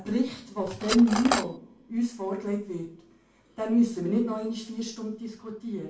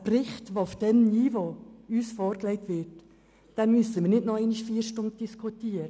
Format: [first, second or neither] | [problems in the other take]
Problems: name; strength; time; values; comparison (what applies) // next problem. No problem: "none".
second | background sound (Cutlery, silverware); 2 dB below the speech // room echo; dies away in 0.3 s